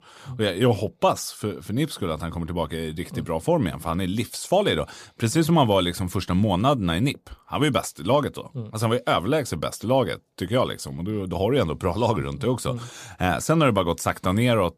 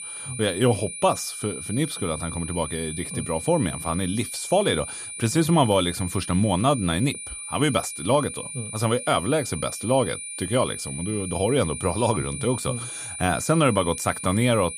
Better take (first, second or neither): first